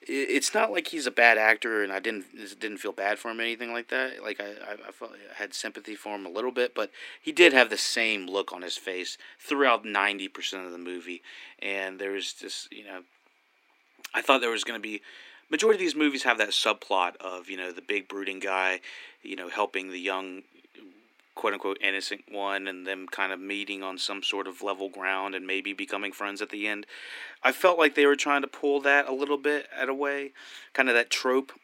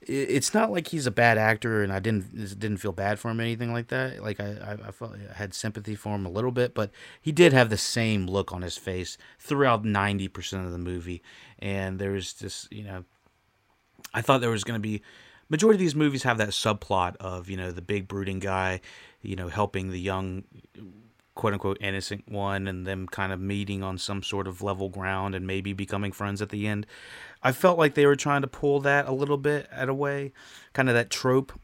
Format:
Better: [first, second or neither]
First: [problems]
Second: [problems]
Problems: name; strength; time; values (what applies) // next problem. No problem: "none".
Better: second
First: thin; somewhat; fading below 300 Hz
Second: none